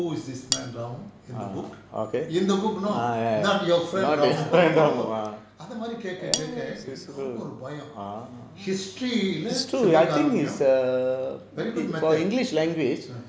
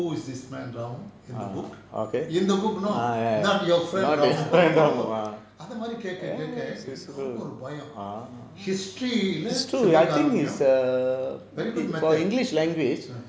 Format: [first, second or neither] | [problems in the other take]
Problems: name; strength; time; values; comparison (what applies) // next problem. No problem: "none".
second | background sound (Cutlery, silverware); 6 dB below the speech